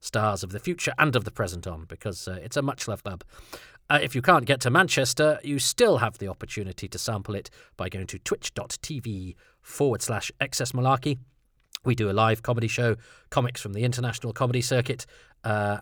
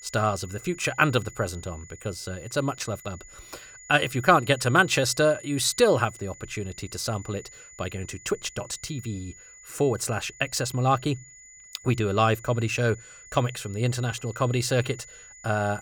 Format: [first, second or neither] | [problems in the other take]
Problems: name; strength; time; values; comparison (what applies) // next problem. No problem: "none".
first | high-pitched whine; noticeable; throughout; 7 kHz, 20 dB below the speech